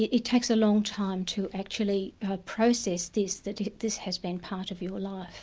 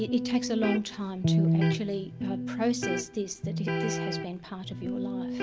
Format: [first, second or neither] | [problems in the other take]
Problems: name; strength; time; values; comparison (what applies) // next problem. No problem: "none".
first | background sound (Electric guitar); 3 dB above the speech